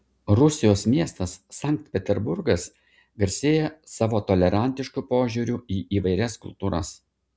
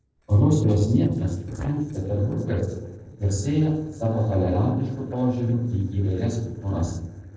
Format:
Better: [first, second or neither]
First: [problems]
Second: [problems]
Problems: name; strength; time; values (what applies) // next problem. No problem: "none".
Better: first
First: none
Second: noise reduction (neural separator model SepFormer DNS4)